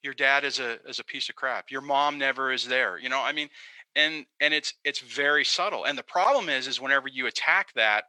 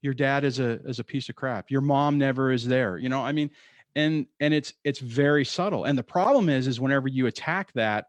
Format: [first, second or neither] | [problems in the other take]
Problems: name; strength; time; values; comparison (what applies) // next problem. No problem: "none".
second | thin; very; fading below 850 Hz